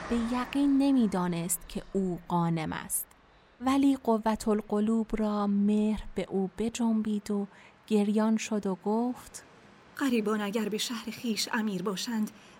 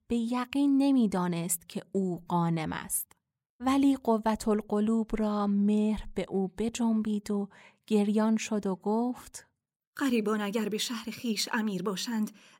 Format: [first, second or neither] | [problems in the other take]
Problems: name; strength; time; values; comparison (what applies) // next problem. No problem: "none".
second | train or aircraft noise; faint; throughout; 25 dB below the speech